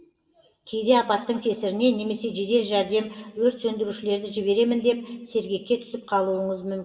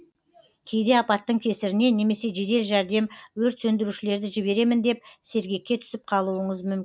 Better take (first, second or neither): second